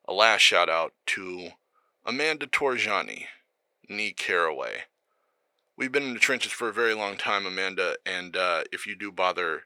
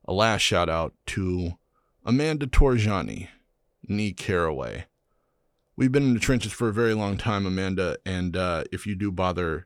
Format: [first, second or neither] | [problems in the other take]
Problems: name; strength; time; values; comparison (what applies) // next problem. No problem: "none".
second | thin; very; fading below 550 Hz